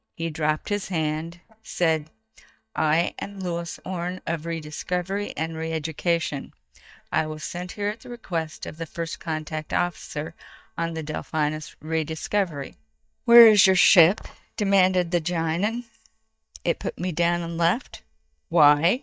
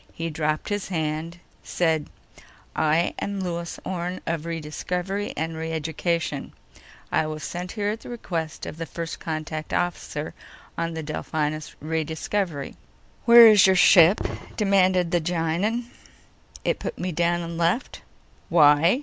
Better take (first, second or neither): second